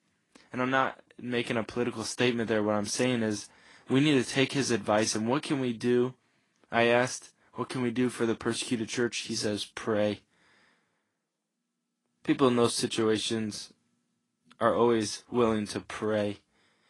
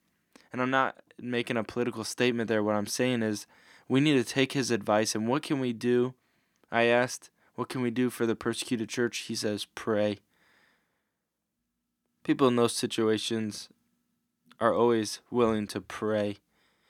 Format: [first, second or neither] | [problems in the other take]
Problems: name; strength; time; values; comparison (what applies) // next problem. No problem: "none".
second | garbled, watery; slightly; nothing above 10.5 kHz